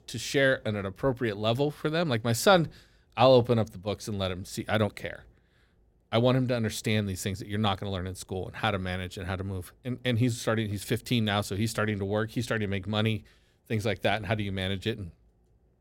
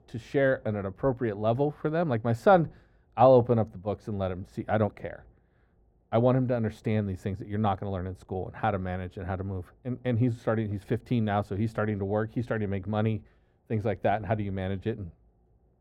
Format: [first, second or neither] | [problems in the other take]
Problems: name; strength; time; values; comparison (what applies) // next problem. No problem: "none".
first | muffled; very; fading above 2.5 kHz